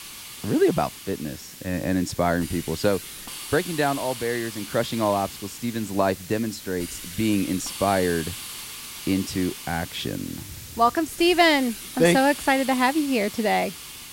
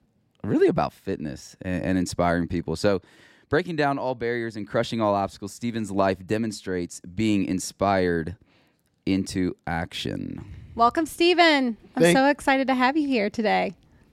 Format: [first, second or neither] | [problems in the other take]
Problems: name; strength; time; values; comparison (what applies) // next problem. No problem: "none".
second | hiss; noticeable; throughout; 10 dB below the speech